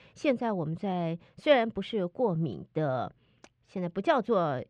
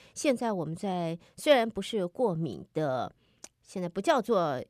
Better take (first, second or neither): second